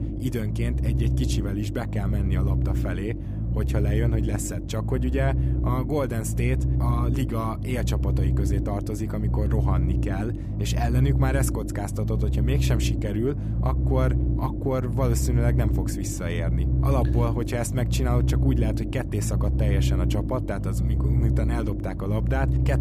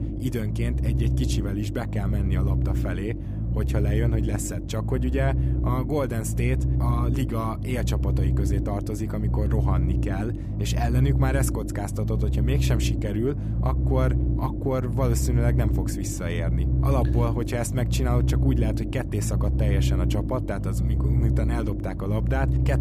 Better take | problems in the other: neither | low rumble; loud; throughout; 5 dB below the speech; the same in both

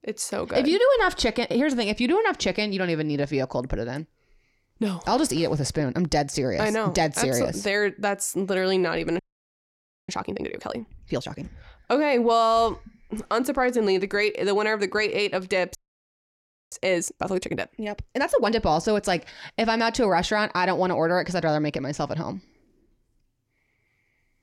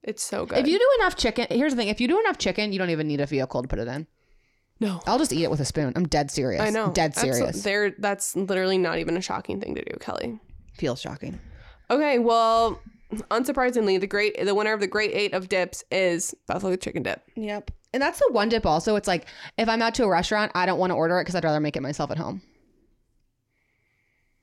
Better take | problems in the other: second | audio freezing; at 9 s for 1 s and at 16 s for 1 s

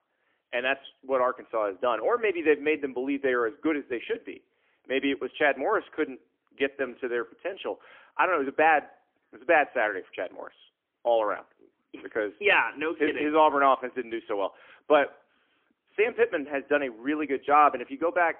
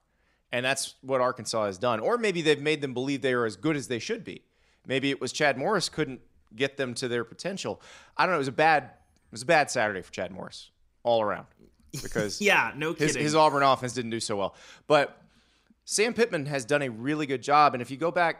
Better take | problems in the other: second | phone-call audio; poor line; nothing above 3 kHz

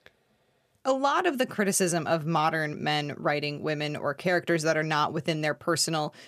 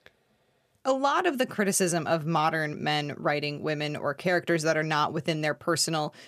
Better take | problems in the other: neither | none

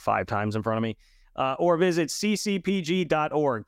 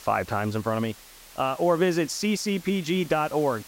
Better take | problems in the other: first | hiss; faint; throughout; 20 dB below the speech

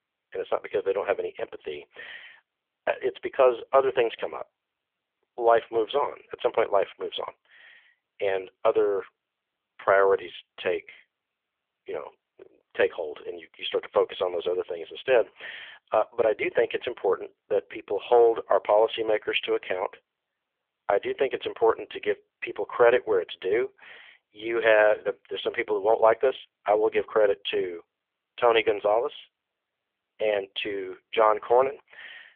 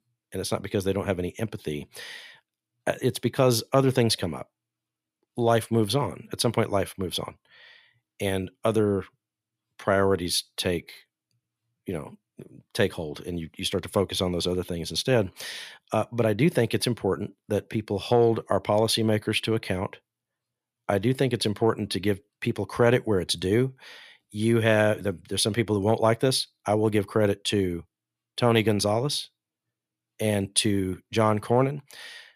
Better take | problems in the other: second | phone-call audio; poor line; nothing above 3.5 kHz

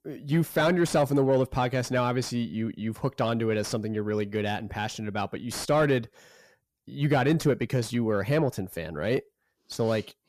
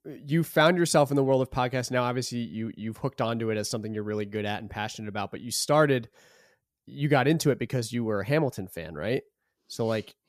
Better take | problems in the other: second | distortion; slight; 10 dB below the speech

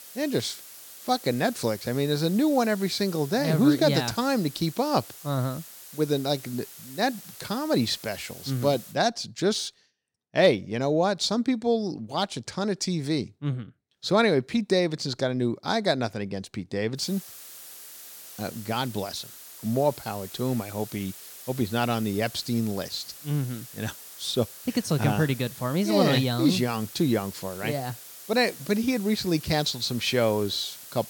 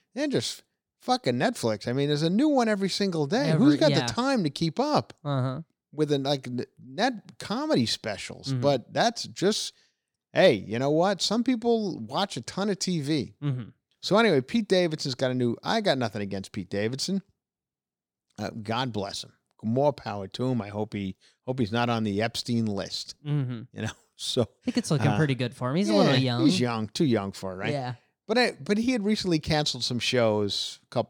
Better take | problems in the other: second | hiss; noticeable; until 9 s and from 17 s on; 15 dB below the speech

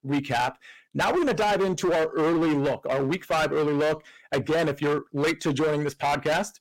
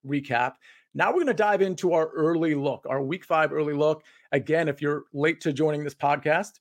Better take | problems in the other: second | distortion; heavy; 24% of the sound clipped

